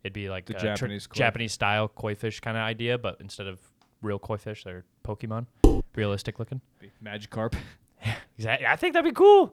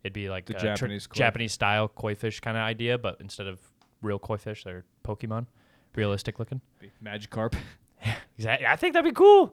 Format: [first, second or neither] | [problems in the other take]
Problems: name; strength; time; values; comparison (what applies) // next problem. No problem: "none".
second | clattering dishes; loud; at 5.5 s; peak 4 dB above the speech